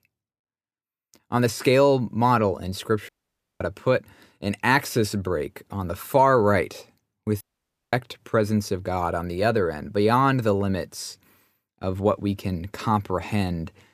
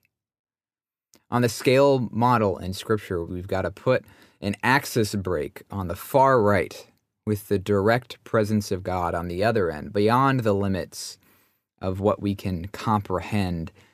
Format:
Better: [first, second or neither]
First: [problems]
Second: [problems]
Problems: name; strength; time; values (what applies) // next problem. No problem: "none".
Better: second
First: audio cutting out; at 3 s for 0.5 s and at 7.5 s for 0.5 s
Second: none